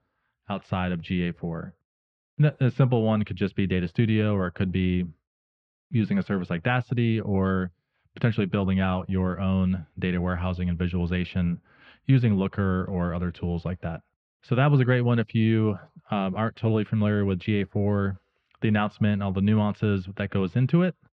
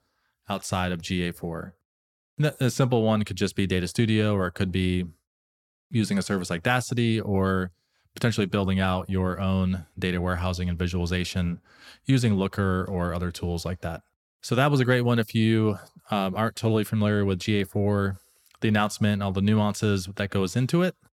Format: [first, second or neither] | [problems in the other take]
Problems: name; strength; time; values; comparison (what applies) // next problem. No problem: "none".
second | muffled; very; fading above 3 kHz